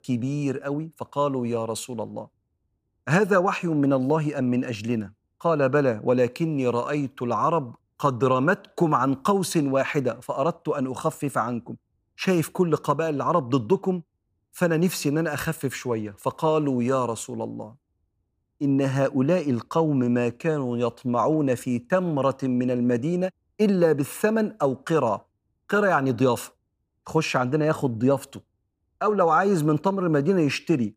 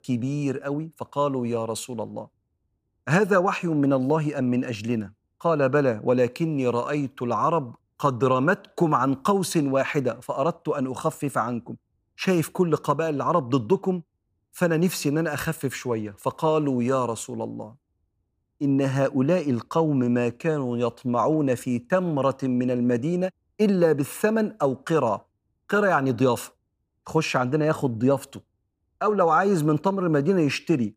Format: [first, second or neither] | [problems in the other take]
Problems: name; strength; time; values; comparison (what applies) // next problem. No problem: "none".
neither | none